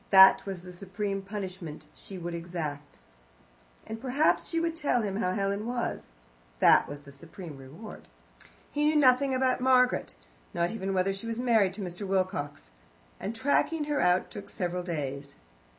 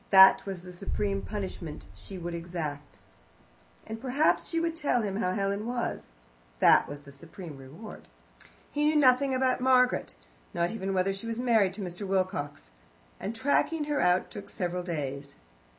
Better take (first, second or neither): first